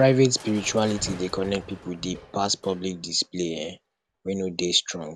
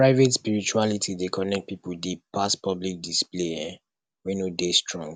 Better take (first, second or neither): second